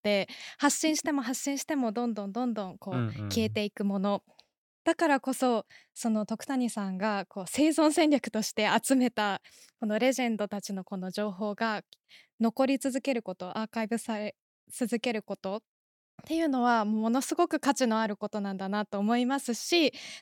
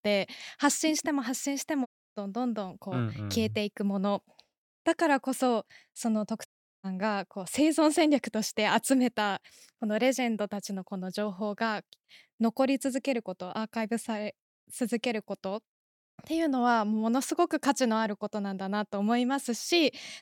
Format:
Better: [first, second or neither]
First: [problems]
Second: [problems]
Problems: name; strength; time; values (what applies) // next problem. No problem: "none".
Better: first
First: none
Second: audio cutting out; at 2 s and at 6.5 s